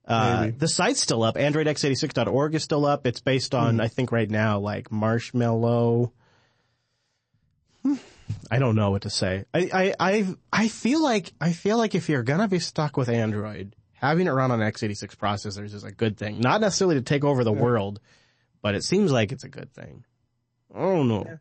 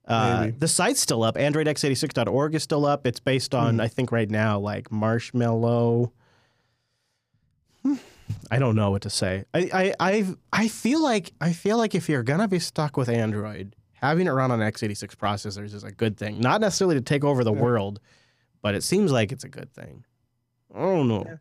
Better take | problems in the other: second | garbled, watery; slightly; nothing above 8 kHz

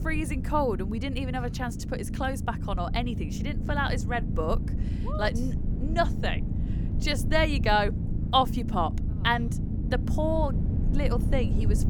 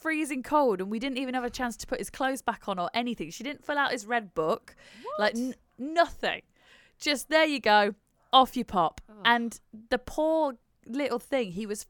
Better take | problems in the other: second | low rumble; noticeable; throughout; 15 dB below the speech

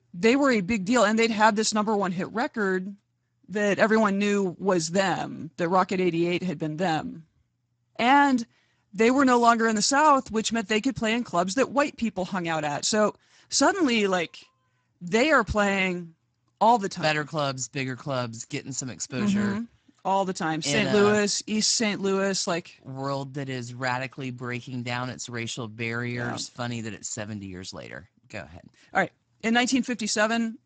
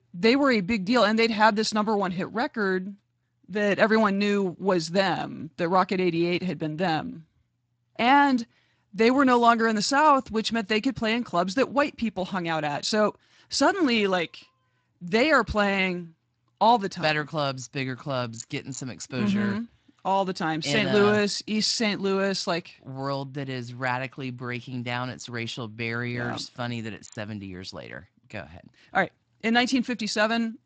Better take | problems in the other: second | garbled, watery; badly; nothing above 8 kHz; slightly in the second

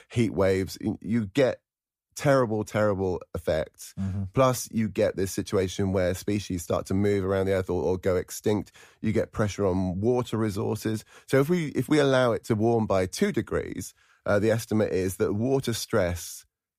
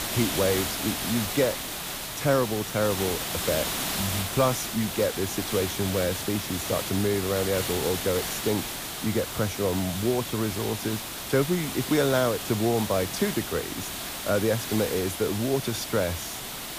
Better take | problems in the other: first | hiss; loud; throughout; 3 dB below the speech

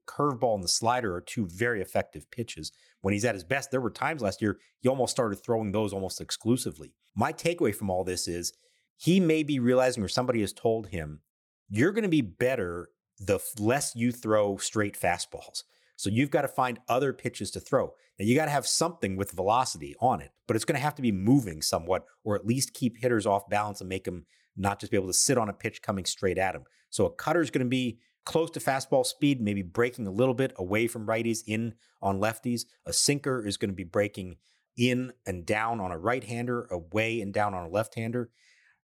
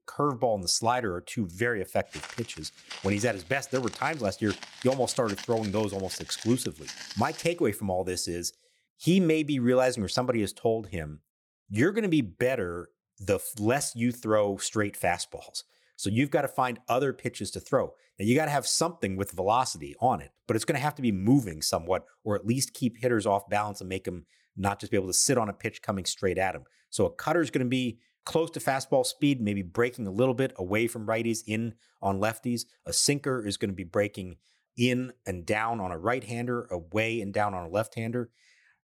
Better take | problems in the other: first | footsteps; faint; from 2 to 7.5 s; peak 10 dB below the speech

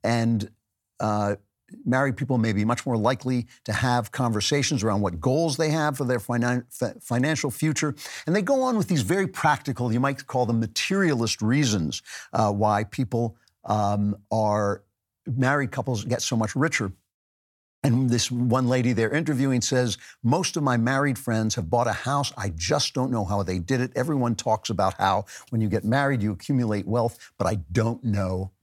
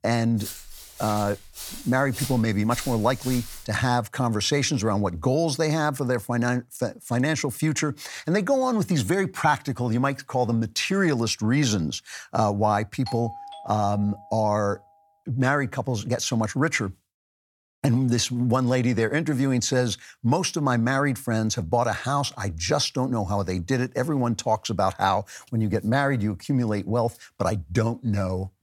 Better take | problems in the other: first | footsteps; noticeable; until 3.5 s; peak 9 dB below the speech // doorbell; faint; from 13 to 15 s; peak 10 dB below the speech

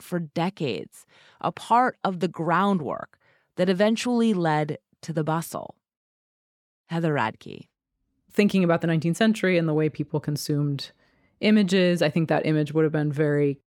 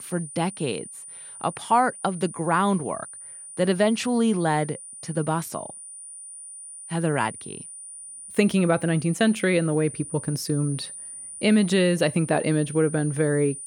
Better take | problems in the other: first | high-pitched whine; noticeable; throughout; 9.5 kHz, 15 dB below the speech

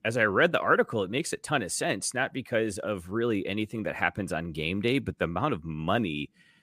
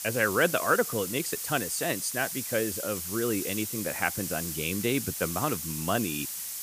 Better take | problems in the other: first | hiss; loud; throughout; 3 dB below the speech

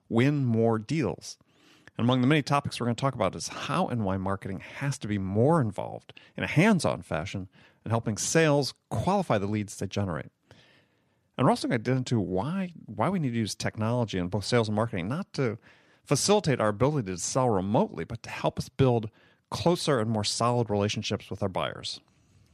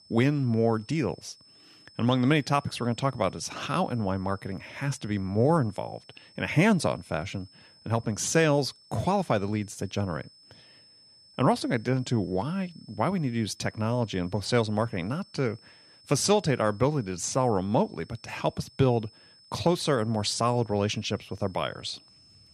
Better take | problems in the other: first | high-pitched whine; faint; throughout; 5 kHz, 25 dB below the speech

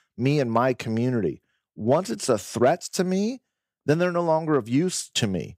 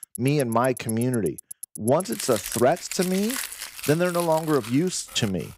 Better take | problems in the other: first | household noises; loud; throughout; 10 dB below the speech

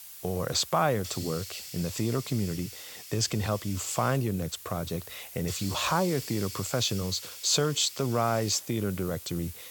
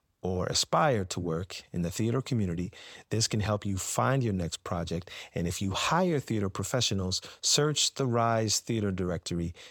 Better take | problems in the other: second | hiss; noticeable; throughout; 10 dB below the speech

